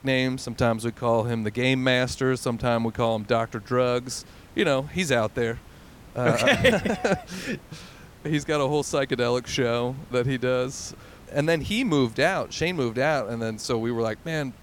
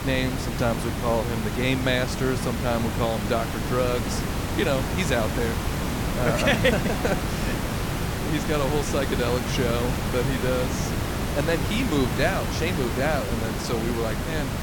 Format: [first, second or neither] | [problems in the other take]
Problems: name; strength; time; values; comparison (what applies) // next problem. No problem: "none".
first | hiss; loud; throughout; 1 dB below the speech; faint in the first